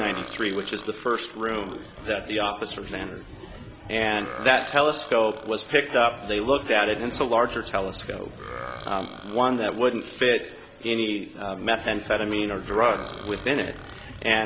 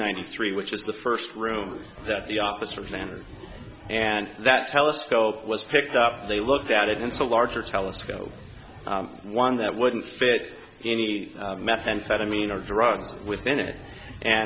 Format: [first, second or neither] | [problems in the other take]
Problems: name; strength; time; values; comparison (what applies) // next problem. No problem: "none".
second | background sound (Burping, eructation); 17 dB below the speech